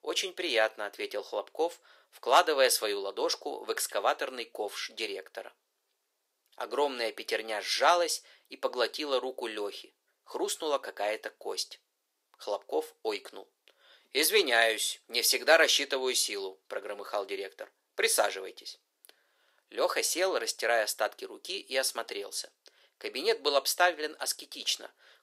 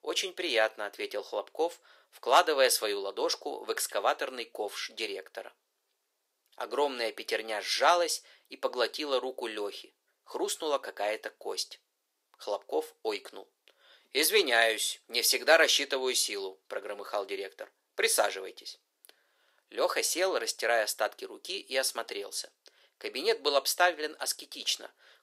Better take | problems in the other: neither | thin; very; fading below 400 Hz; the same in both

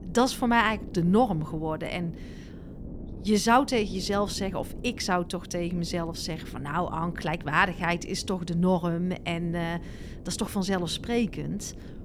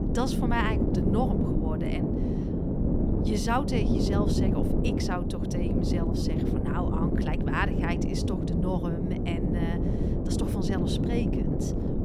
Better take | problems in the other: first | wind noise on the microphone; heavy; as loud as the speech; occasional gusts in the first

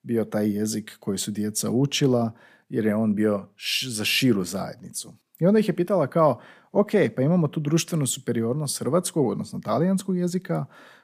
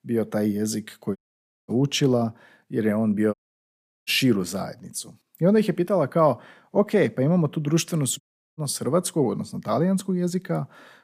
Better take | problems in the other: first | audio cutting out; at 1 s for 0.5 s, at 3.5 s for 0.5 s and at 8 s

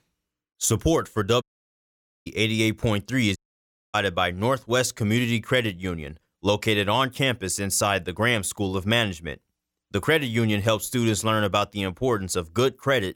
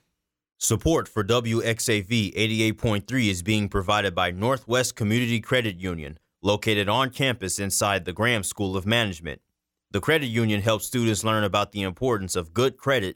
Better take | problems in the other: second | audio cutting out; at 1.5 s for 1 s and at 3.5 s for 0.5 s

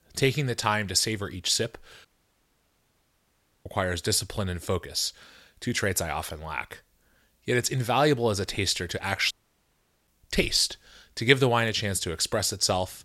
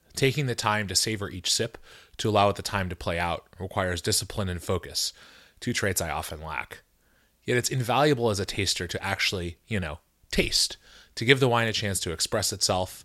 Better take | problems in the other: second | audio cutting out; at 2 s for 1.5 s and at 9.5 s for 1 s

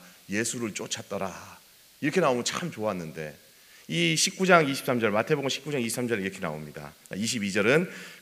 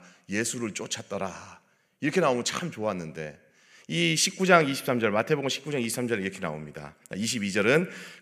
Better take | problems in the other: second | hiss; faint; throughout; 25 dB below the speech

